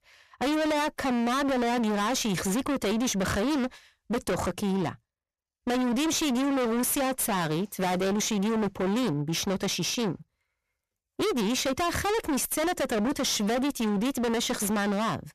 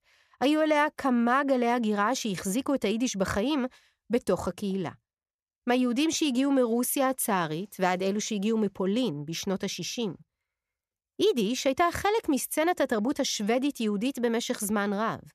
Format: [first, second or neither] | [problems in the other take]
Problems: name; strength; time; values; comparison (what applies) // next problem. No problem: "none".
second | distortion; heavy; 41% of the sound clipped